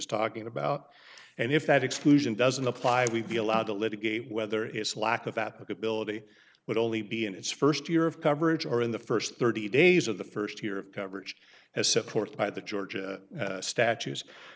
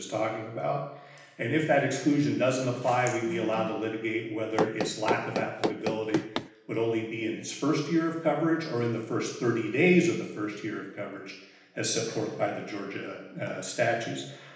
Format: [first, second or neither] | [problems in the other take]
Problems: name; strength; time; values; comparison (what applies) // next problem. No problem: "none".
first | background sound (Run); 3 dB below the speech // room echo; dies away in 0.9 s